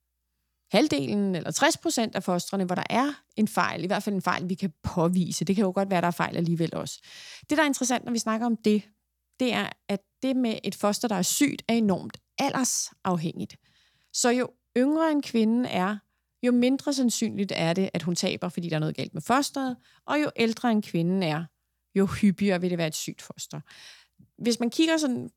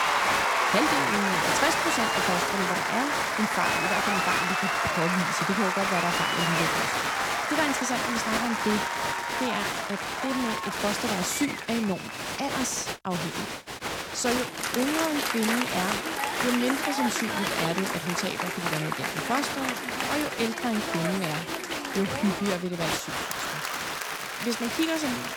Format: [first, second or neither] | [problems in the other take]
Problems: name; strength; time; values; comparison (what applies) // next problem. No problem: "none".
first | crowd noise; very loud; throughout; 3 dB above the speech